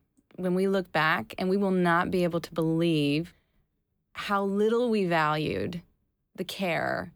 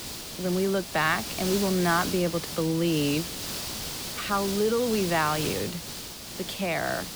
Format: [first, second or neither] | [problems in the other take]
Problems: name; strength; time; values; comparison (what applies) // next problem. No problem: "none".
first | hiss; loud; throughout; 6 dB below the speech